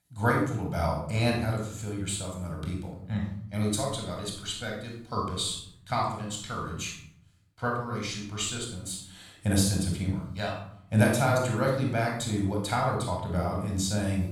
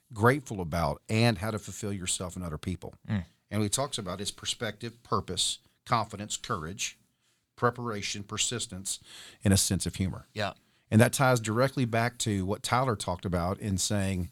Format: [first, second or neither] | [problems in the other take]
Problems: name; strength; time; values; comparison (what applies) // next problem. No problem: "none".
second | off-mic speech; somewhat distant // room echo; noticeable; dies away in 0.6 s